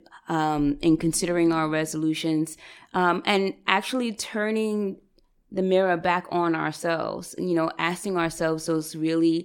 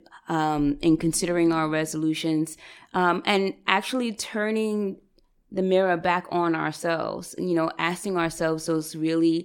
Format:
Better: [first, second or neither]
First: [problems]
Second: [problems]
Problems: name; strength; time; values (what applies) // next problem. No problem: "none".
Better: neither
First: none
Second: none